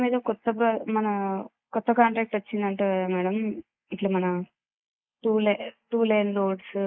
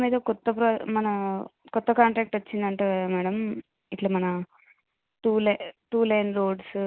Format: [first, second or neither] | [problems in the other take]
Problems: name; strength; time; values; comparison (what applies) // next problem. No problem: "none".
second | noise reduction (neural mask model Resemble Enhance denoiser)